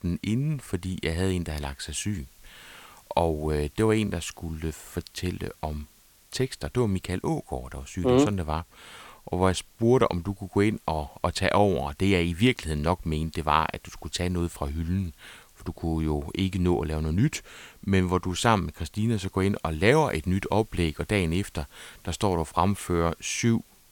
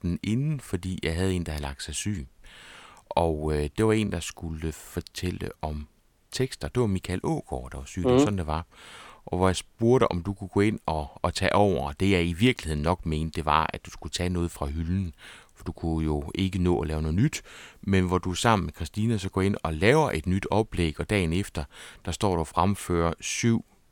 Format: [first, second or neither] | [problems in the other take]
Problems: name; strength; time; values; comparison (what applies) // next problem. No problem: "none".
second | hiss; faint; throughout; 30 dB below the speech